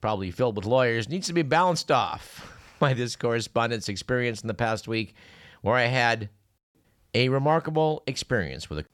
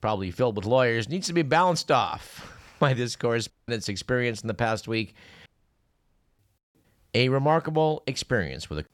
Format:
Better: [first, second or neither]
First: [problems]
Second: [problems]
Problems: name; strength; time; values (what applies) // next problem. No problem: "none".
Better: first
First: none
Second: audio cutting out; at 3.5 s and at 5.5 s for 1 s